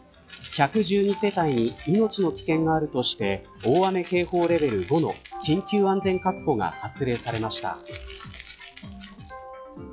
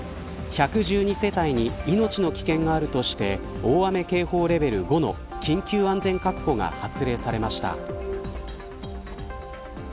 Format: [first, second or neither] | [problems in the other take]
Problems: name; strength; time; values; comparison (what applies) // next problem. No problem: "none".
second | noise reduction (classical method log-MMSE)